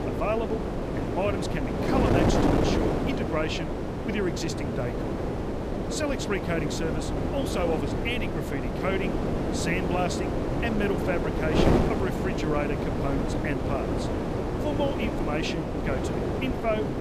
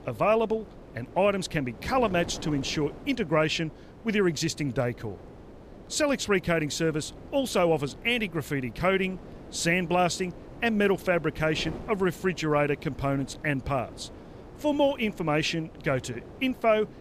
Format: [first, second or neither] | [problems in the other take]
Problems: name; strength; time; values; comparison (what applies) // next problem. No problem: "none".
second | wind noise on the microphone; heavy; 1 dB above the speech; occasional gusts in the second